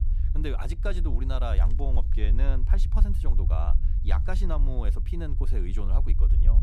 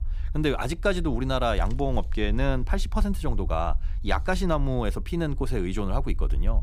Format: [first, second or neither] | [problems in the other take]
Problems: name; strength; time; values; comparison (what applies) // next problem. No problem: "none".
second | low rumble; loud; throughout; 9 dB below the speech; faint in the second